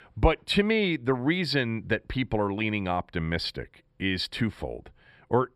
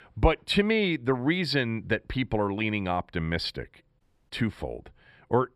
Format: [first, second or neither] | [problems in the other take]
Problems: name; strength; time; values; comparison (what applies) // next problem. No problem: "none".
first | audio cutting out; at 4 s